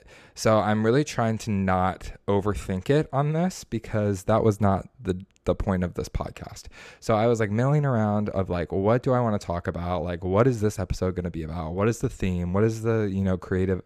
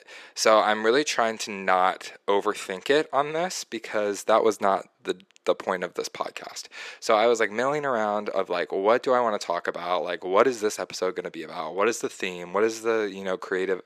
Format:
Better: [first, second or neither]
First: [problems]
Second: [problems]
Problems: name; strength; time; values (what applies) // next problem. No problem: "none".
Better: first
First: none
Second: thin; very; fading below 350 Hz